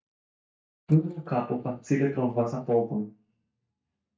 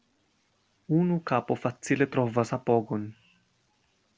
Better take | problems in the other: second | noise reduction (neural mask model DeepFilterNet 3)

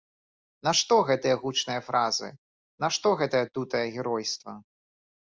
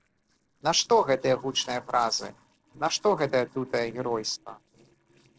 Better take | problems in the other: first | noise reduction (neural separator model SepFormer DNS4)

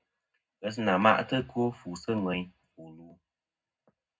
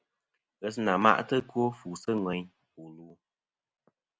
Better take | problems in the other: second | room echo; dies away in 0.3 s

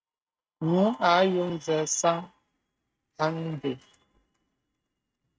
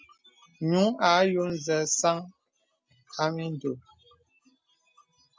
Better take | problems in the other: second | noise reduction (neural mask model RNNoise)

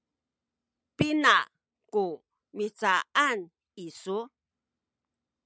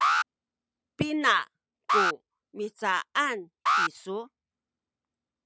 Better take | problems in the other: first | background sound (Alarm); 1 dB above the speech

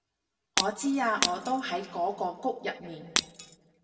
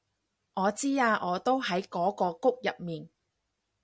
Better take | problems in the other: second | background sound (Shatter); as loud as the speech // room echo; dies away in 1.4 s

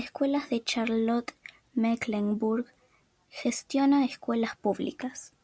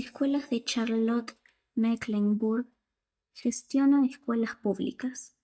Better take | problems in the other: first | noise reduction (neural mask model DeepFilterNet 3)

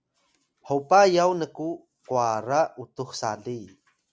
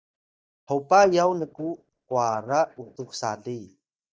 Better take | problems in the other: first | noise reduction (neural mask model DeepFilterNet 3)

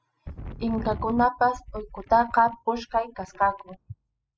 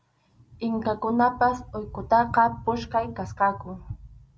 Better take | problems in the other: second | noise reduction (classical method spectral subtraction)

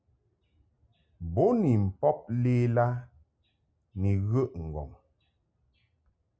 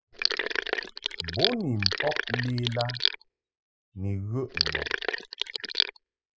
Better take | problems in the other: first | noise reduction (classical method spectral subtraction)

